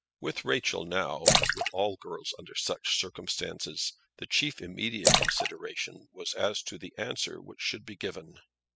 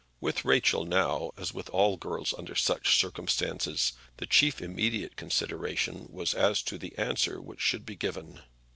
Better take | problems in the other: second | noise reduction (classical method spectral subtraction)

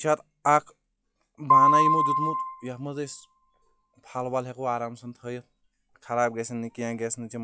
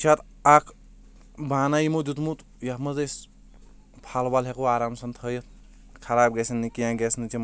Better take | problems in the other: second | noise reduction (classical method log-MMSE)

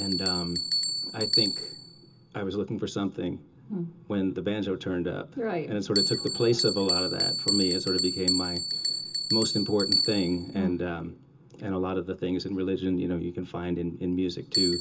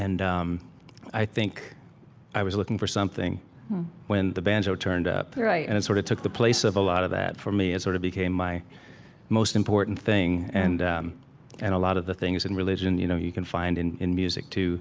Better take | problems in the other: second | background sound (Bell); 2 dB below the speech // room echo; dies away in 0.2 s

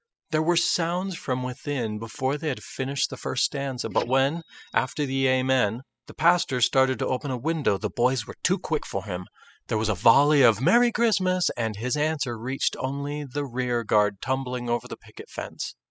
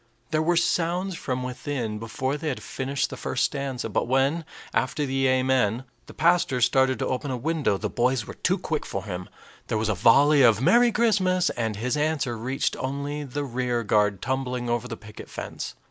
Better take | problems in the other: second | noise reduction (classical method spectral subtraction)

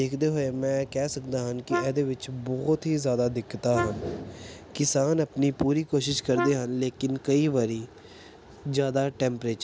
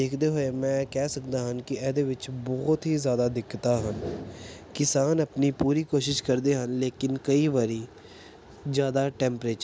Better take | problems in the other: second | background sound (Brass instrument); 8 dB below the speech

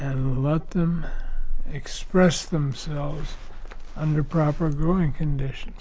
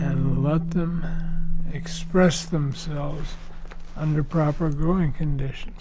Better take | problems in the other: first | background sound (Bass guitar); 11 dB below the speech

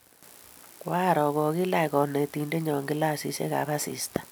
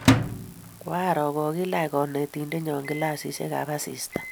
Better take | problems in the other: first | background sound (Microwave oven); 2 dB below the speech

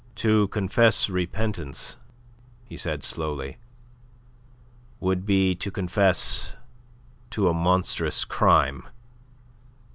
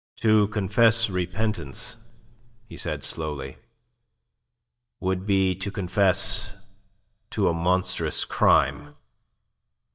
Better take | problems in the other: first | noise reduction (neural mask model DeepFilterNet 3)

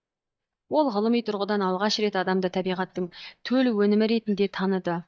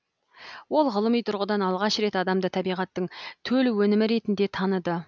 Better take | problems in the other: second | noise reduction (neural mask model DeepFilterNet 3)

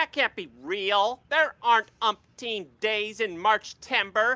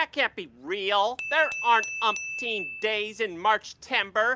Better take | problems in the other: first | background sound (Glass / Bell); 10 dB below the speech

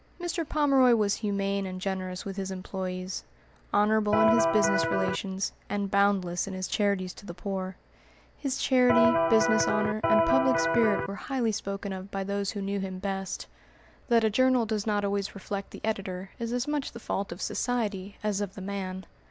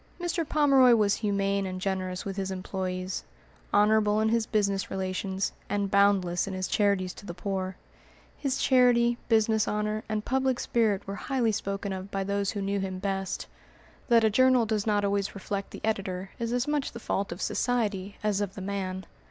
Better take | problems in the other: second | background sound (Electric guitar); 3 dB above the speech

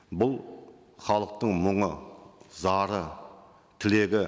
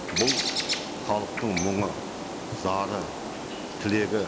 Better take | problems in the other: first | background sound (Bird); 1 dB below the speech

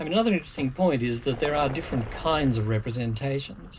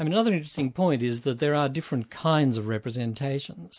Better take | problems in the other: second | background sound (Vehicle); 14 dB below the speech // room echo; dies away in 0.2 s

